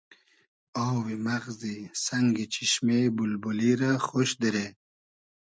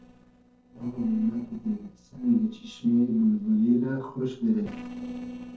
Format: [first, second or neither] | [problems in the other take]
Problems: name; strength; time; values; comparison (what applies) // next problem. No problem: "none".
first | noise reduction (neural separator model SepFormer DNS4)